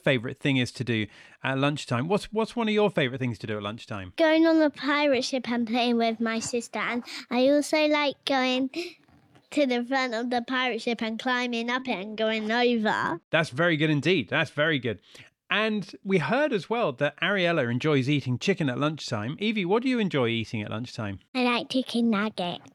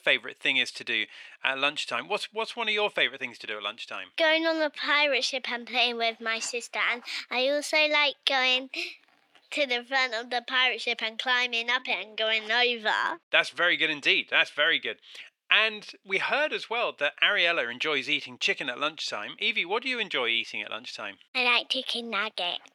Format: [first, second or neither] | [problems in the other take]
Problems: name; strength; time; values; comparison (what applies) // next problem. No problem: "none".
first | thin; somewhat; fading below 550 Hz